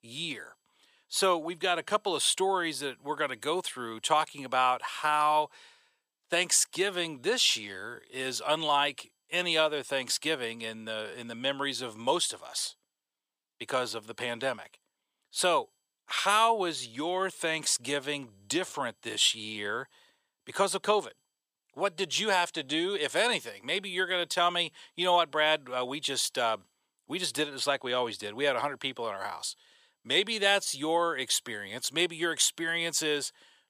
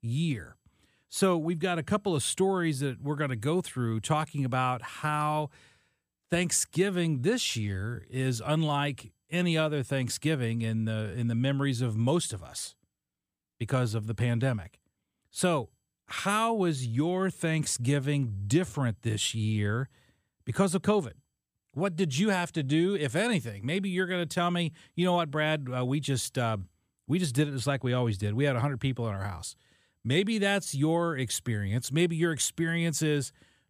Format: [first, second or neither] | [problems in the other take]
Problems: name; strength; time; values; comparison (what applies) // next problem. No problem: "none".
second | thin; very; fading below 550 Hz